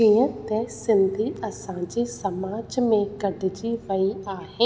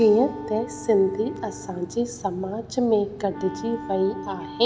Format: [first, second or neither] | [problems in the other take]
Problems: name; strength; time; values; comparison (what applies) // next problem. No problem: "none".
first | background sound (Wind instrument, woodwind instrument); 15 dB below the speech